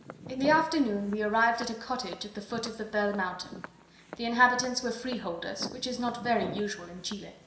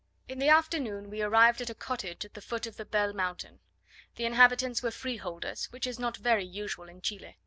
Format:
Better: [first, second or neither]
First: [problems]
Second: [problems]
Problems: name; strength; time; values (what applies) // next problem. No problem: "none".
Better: second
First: background sound (Walk, footsteps); 15 dB below the speech // room echo; dies away in 0.7 s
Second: none